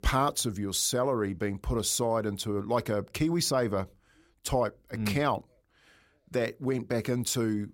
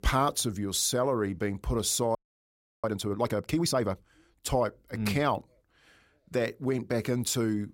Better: first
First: none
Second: audio freezing; at 2 s for 0.5 s

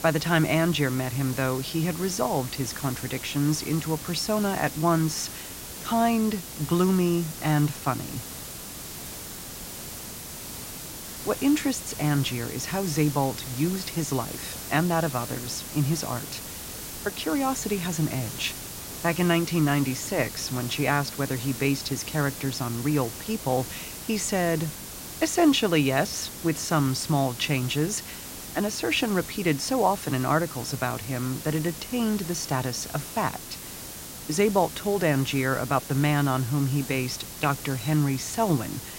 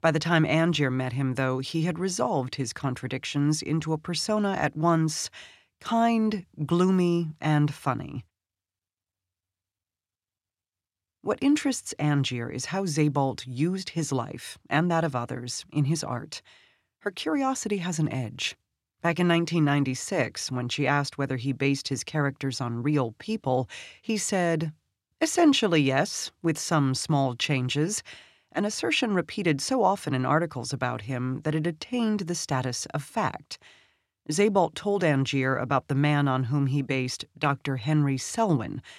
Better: second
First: hiss; loud; throughout; 10 dB below the speech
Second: none

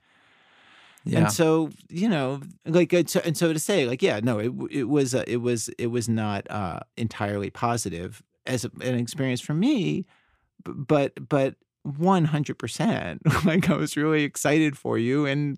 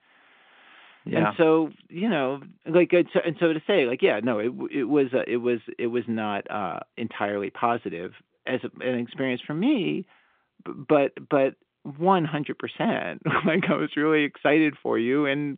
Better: first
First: none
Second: phone-call audio

